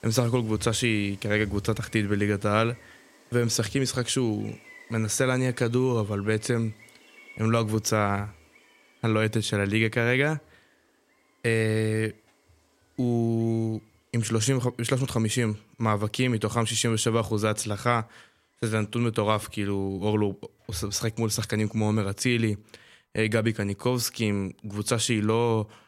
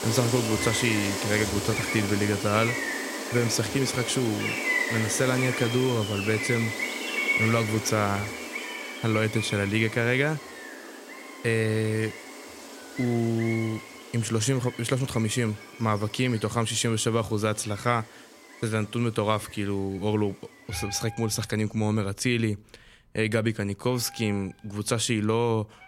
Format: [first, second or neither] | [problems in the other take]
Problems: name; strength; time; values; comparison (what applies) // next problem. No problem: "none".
first | animal sounds; loud; throughout; 4 dB below the speech; faint in the first